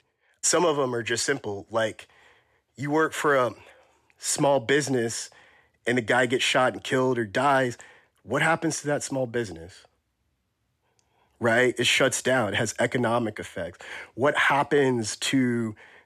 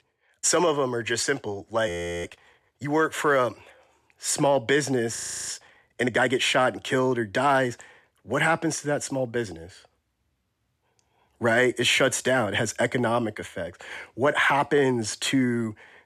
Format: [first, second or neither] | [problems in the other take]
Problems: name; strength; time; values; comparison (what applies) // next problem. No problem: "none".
first | audio freezing; at 2 s and at 5 s